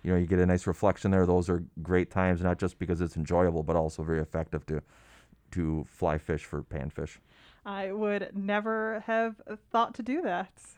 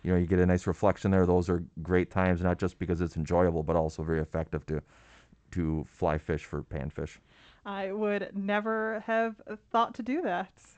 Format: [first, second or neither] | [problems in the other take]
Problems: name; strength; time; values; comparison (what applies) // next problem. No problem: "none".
first | garbled, watery; slightly; nothing above 7.5 kHz